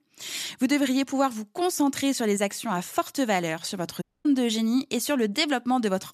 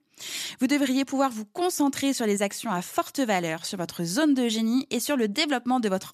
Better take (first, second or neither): second